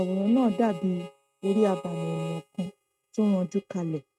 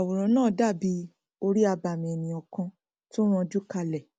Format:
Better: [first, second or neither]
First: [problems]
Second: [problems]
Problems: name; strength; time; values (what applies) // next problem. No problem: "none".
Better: second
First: noise reduction (neural mask model RNNoise)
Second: none